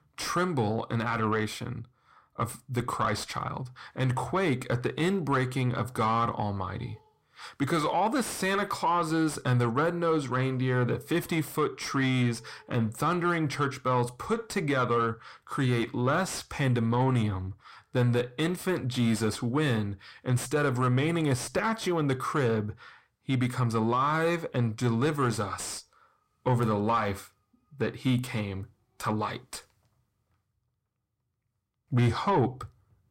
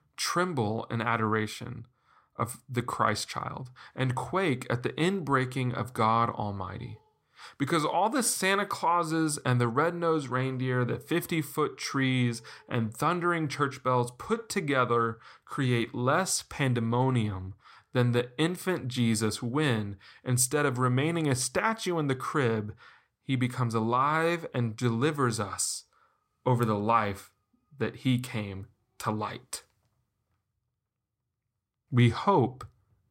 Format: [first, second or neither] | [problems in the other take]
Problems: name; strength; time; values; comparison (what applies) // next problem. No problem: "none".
second | distortion; slight; 10 dB below the speech